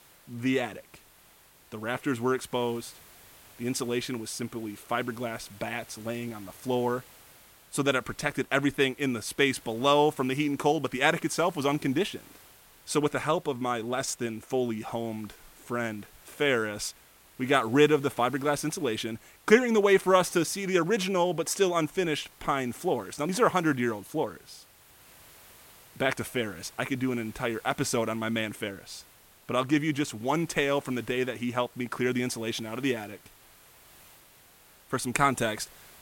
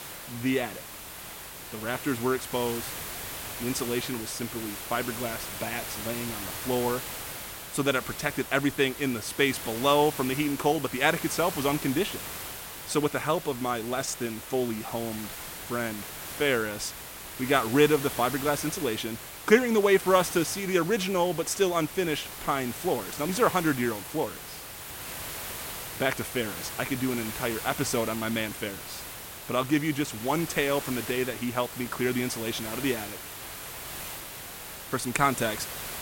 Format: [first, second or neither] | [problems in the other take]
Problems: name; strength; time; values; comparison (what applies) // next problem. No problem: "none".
first | hiss; loud; throughout; 8 dB below the speech; faint in the first